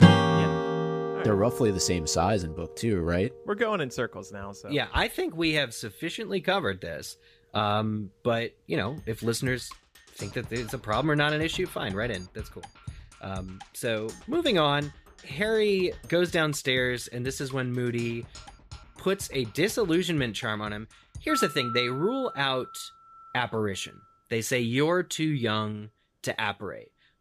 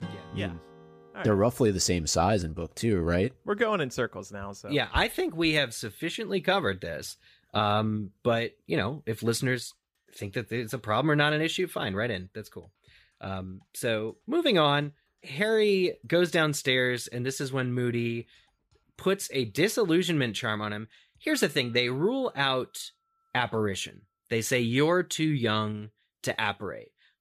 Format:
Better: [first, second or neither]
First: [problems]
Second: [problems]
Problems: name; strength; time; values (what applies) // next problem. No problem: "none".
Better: second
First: background music; loud; throughout; 5 dB below the speech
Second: background music; faint; throughout; 30 dB below the speech